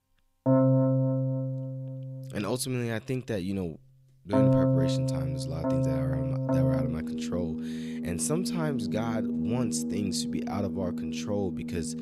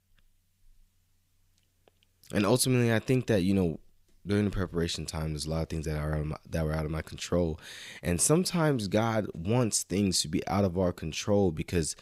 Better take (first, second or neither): second